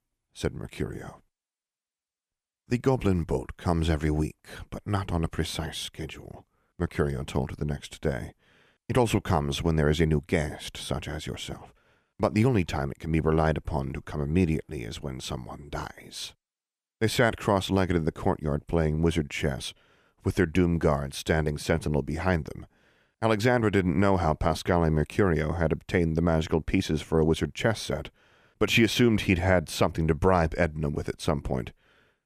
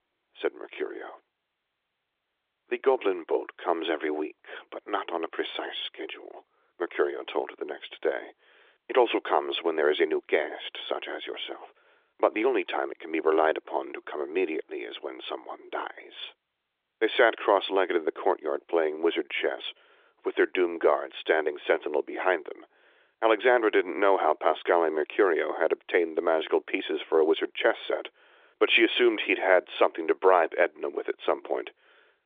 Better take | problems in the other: first | phone-call audio; nothing above 3.5 kHz

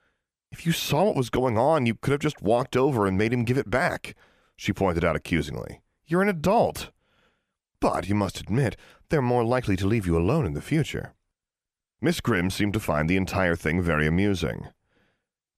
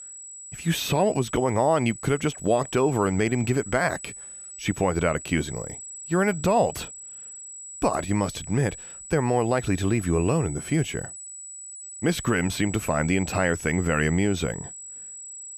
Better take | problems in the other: first | high-pitched whine; noticeable; throughout; 8 kHz, 10 dB below the speech

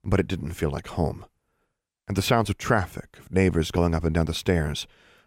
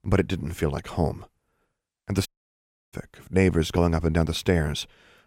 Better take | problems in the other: first | audio cutting out; at 2.5 s for 0.5 s

